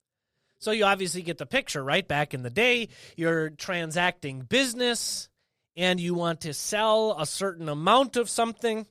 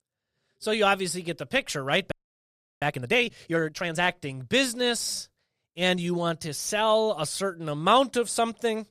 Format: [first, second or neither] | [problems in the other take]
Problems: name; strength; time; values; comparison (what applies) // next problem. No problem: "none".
first | audio freezing; at 2 s for 0.5 s